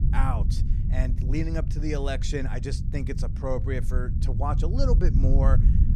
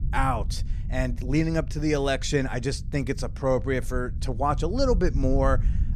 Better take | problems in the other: second | low rumble; loud; throughout; 8 dB below the speech; faint in the second

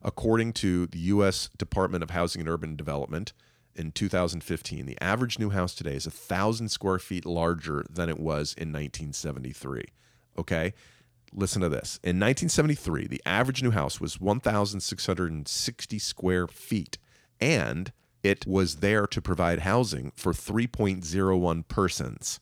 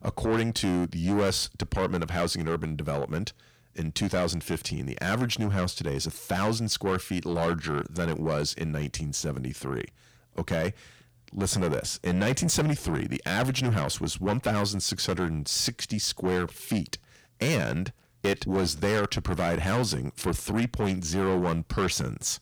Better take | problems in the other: first | distortion; heavy; 6 dB below the speech

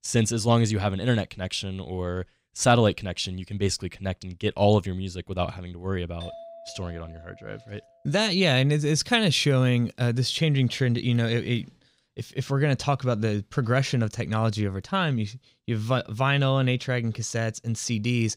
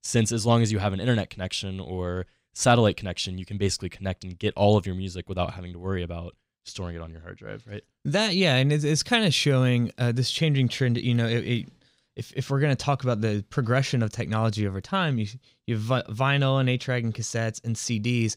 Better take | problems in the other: second | doorbell; faint; from 6 to 8 s; peak 15 dB below the speech

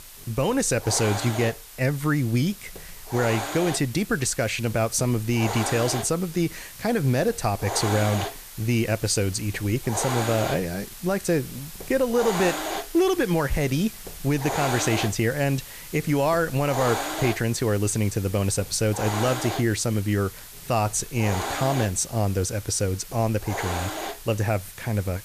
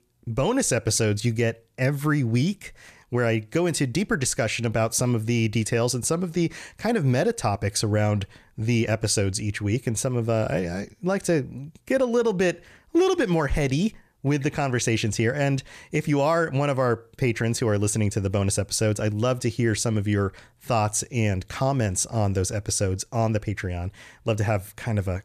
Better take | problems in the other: second | hiss; loud; throughout; 9 dB below the speech

